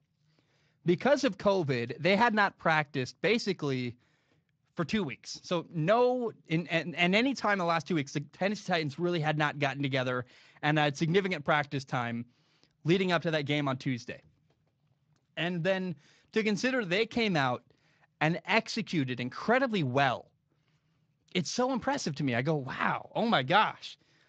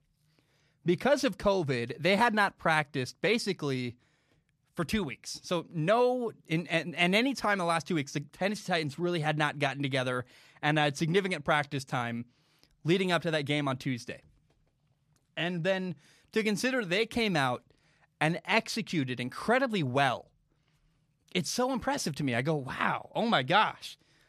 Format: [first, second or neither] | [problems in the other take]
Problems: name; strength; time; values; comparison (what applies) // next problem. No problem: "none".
second | garbled, watery; slightly